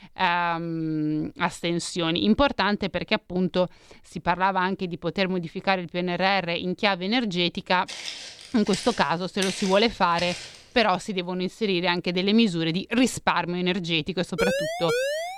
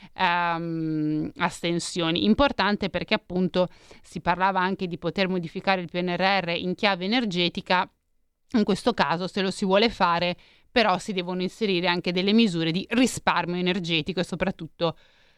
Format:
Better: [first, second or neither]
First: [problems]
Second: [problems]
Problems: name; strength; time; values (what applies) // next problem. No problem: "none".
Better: second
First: footsteps; noticeable; from 8 to 11 s; peak 6 dB below the speech // siren; noticeable; at 14 s; peak 1 dB below the speech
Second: none